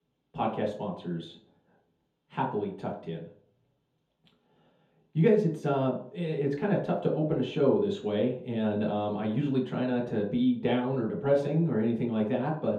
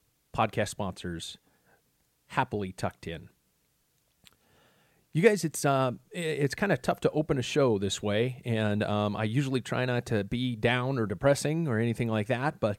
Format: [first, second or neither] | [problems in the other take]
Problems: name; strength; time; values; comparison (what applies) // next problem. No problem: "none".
second | room echo; noticeable; dies away in 0.5 s // off-mic speech; far